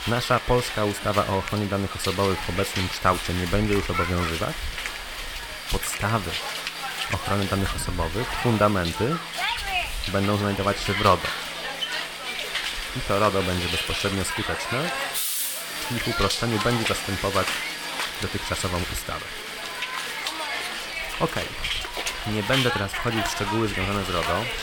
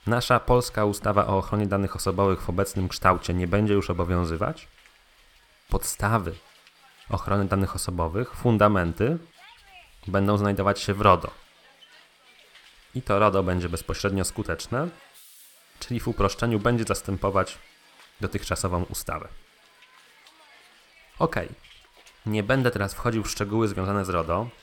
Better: second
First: hiss; loud; throughout; 2 dB below the speech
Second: hiss; faint; throughout; 25 dB below the speech

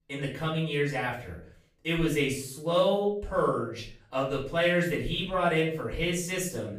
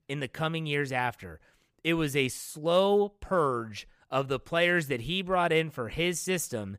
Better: second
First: room echo; noticeable; dies away in 0.4 s // off-mic speech; far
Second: none

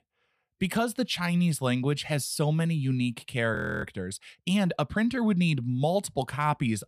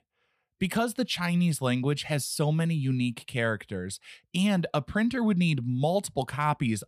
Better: second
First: audio freezing; at 3.5 s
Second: none

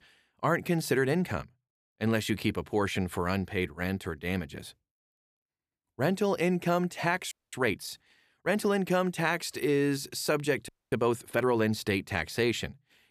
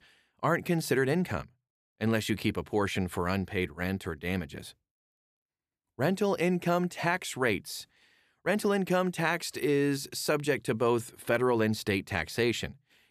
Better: second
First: audio freezing; at 7.5 s and at 11 s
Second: none

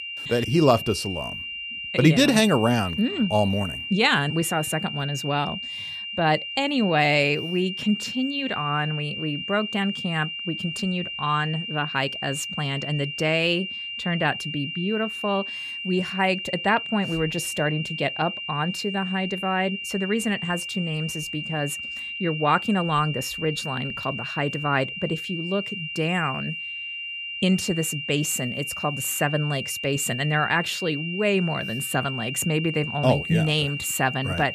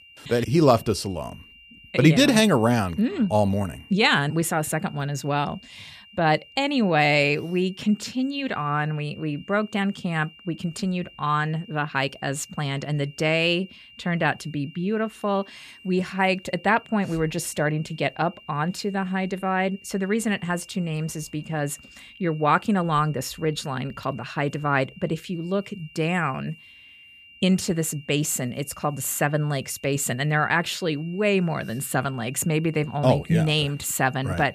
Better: second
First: high-pitched whine; loud; throughout; 3 kHz, 6 dB below the speech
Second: high-pitched whine; faint; throughout; 3 kHz, 25 dB below the speech

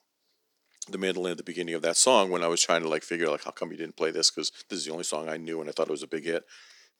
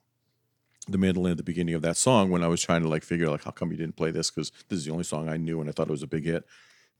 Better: second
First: thin; somewhat; fading below 350 Hz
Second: none

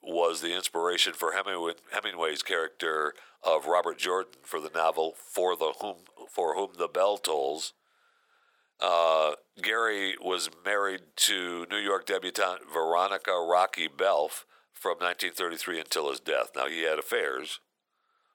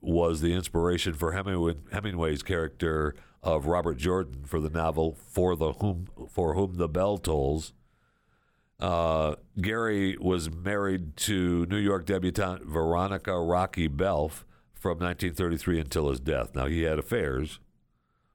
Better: second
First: thin; very; fading below 550 Hz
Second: none

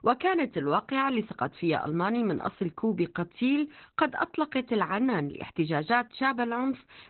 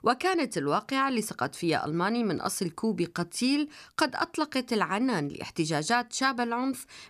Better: second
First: garbled, watery; badly; nothing above 4 kHz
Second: none

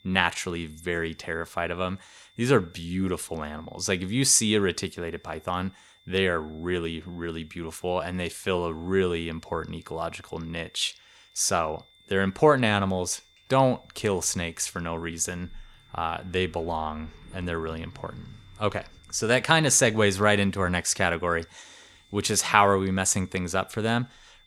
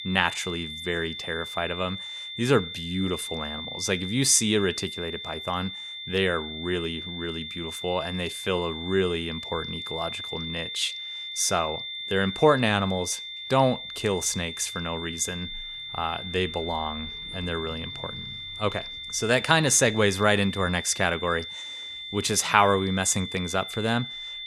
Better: first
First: high-pitched whine; faint; throughout; 3.5 kHz, 30 dB below the speech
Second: high-pitched whine; loud; throughout; 3.5 kHz, 8 dB below the speech

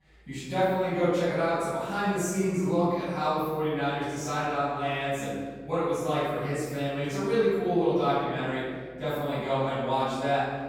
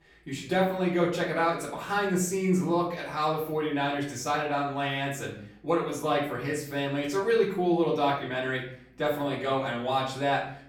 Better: second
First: room echo; strong; dies away in 1.7 s // off-mic speech; far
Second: room echo; slight; dies away in 0.5 s // off-mic speech; far

